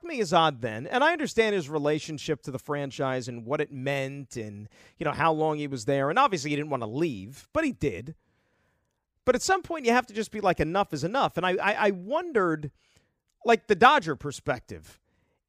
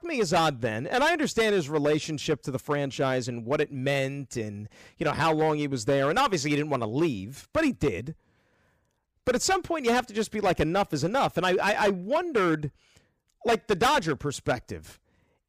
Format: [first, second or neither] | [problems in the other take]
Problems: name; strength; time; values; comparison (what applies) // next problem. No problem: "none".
first | distortion; heavy; 7% of the sound clipped